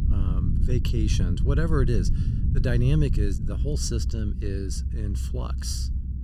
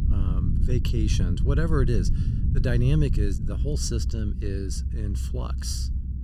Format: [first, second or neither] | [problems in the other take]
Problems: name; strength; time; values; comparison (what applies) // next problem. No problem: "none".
neither | low rumble; loud; throughout; 8 dB below the speech; the same in both